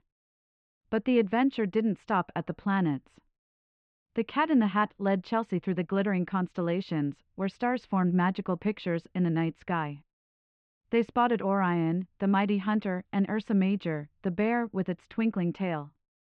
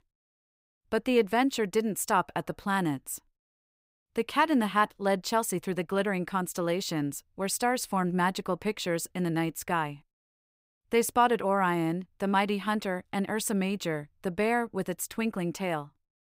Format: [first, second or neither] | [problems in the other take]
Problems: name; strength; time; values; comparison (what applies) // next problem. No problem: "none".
second | muffled; very; fading above 3.5 kHz